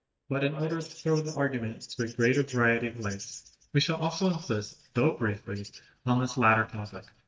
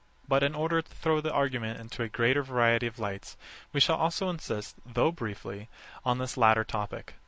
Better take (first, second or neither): second